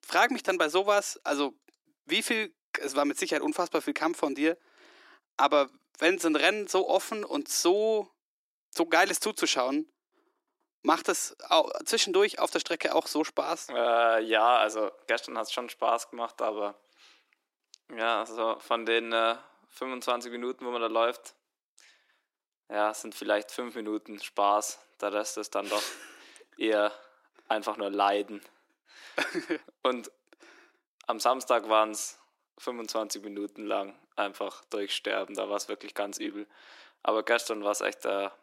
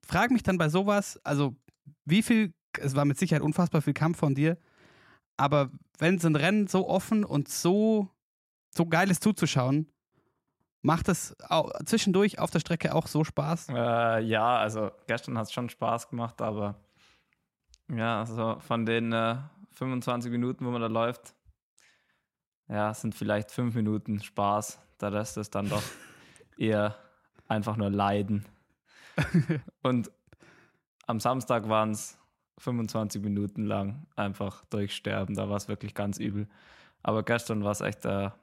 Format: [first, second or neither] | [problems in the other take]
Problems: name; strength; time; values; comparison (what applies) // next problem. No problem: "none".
second | thin; very; fading below 300 Hz